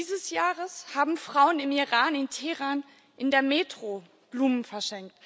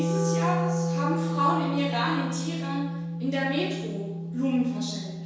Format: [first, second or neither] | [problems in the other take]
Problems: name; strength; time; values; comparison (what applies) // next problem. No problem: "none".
first | background sound (Wind instrument, woodwind instrument); as loud as the speech // room echo; dies away in 1 s